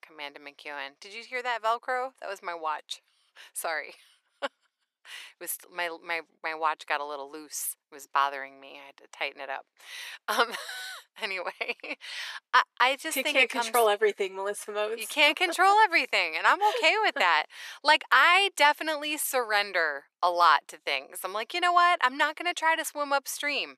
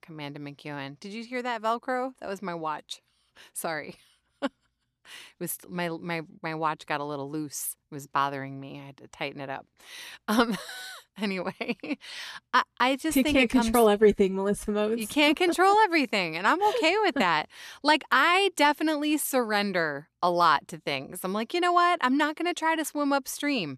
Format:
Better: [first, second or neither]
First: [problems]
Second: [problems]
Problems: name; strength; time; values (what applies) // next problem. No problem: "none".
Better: second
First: thin; very; fading below 500 Hz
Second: none